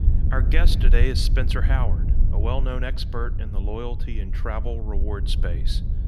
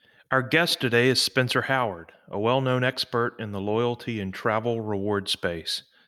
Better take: second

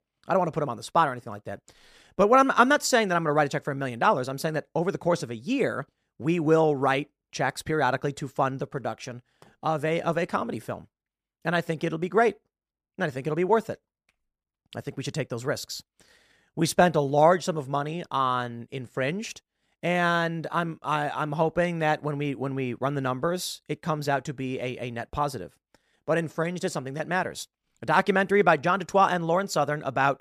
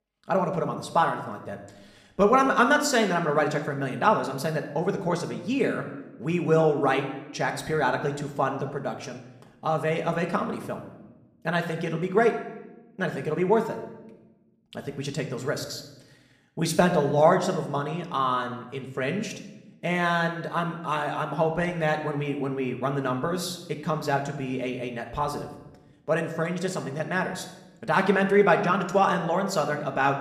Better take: first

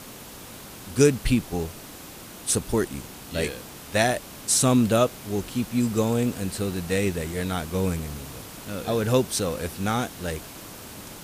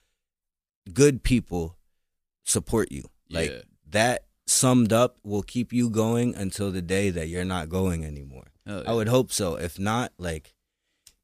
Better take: second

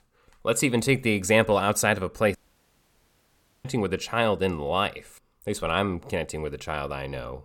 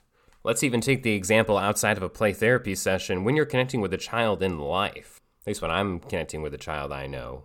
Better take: second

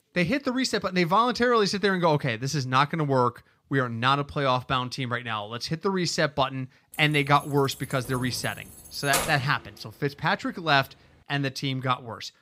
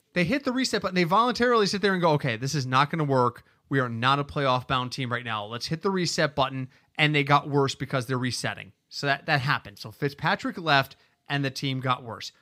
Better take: second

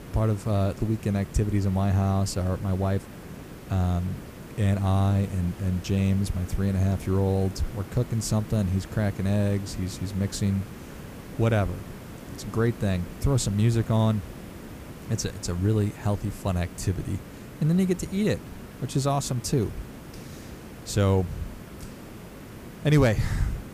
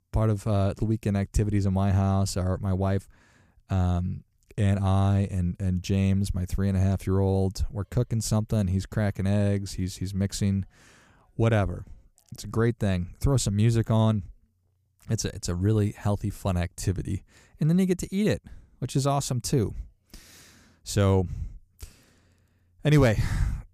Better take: second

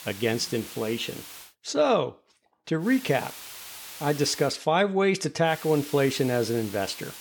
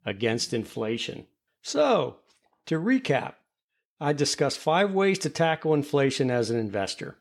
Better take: second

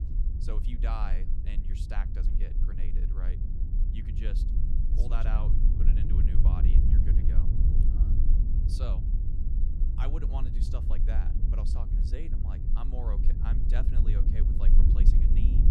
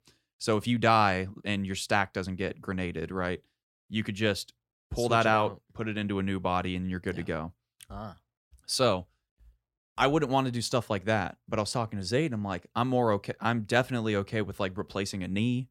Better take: second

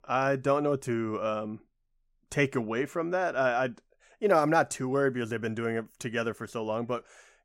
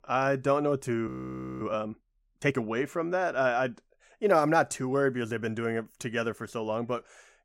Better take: first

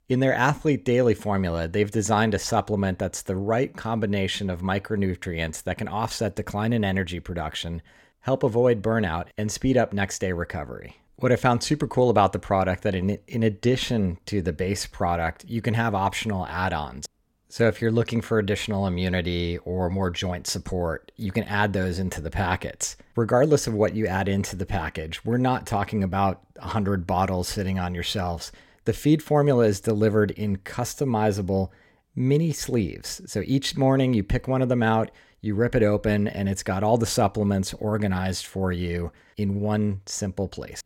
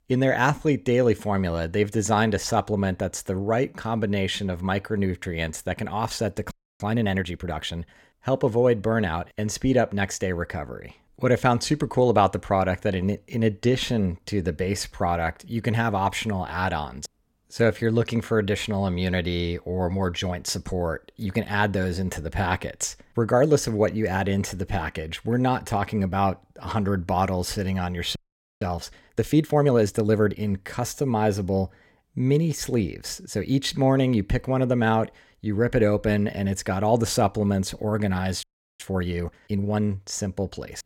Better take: first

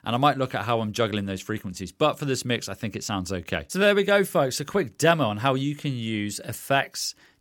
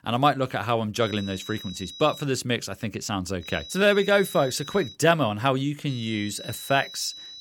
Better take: first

